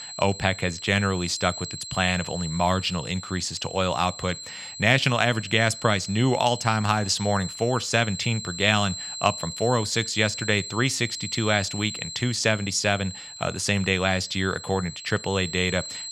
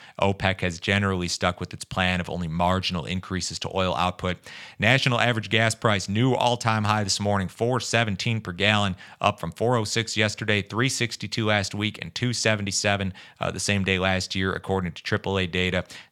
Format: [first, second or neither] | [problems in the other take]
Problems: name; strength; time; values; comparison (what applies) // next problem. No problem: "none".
second | high-pitched whine; noticeable; throughout; 4 kHz, 10 dB below the speech